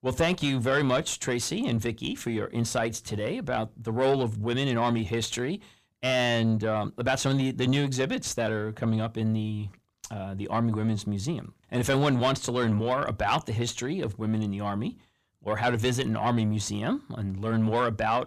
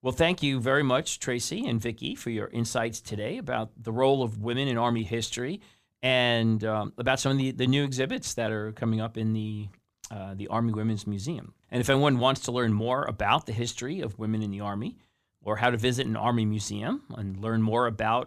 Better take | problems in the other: second | distortion; slight; 10 dB below the speech

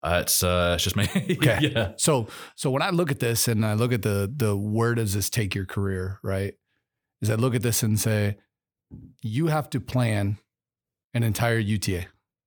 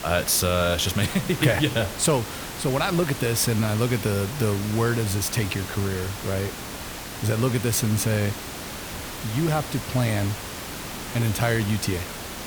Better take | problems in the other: first | hiss; loud; throughout; 9 dB below the speech

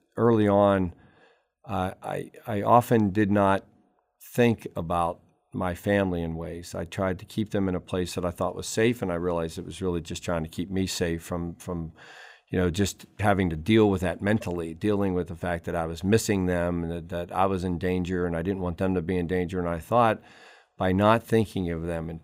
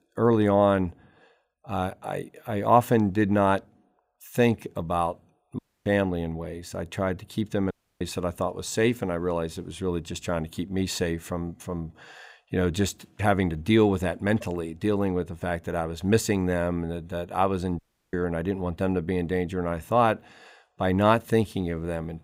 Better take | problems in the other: first | audio cutting out; at 5.5 s, at 7.5 s and at 18 s

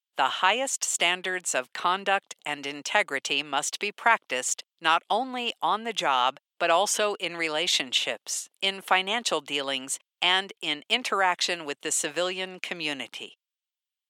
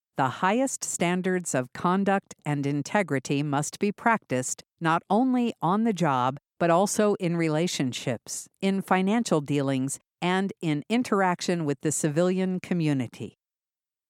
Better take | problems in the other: second | thin; very; fading below 600 Hz

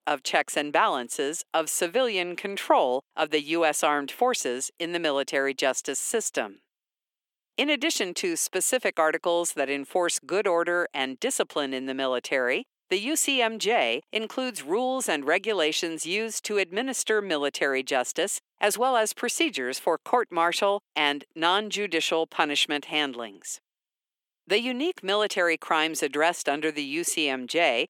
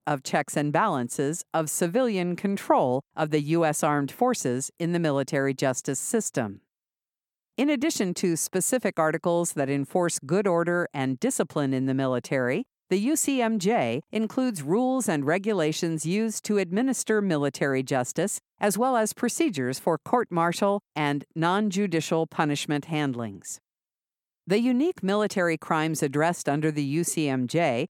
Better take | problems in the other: second | thin; somewhat; fading below 350 Hz

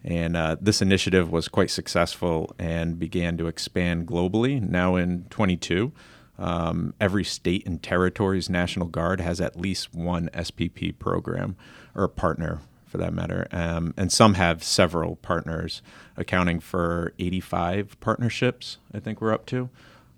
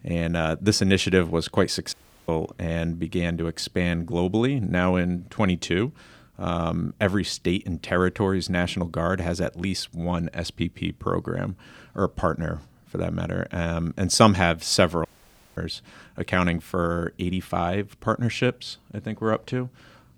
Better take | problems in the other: first | audio cutting out; at 2 s and at 15 s for 0.5 s

